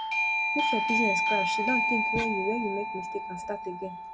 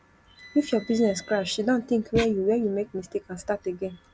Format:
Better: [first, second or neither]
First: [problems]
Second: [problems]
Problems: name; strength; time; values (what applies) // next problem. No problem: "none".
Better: second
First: background sound (Doorbell); 4 dB above the speech // room echo; dies away in 1.5 s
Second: none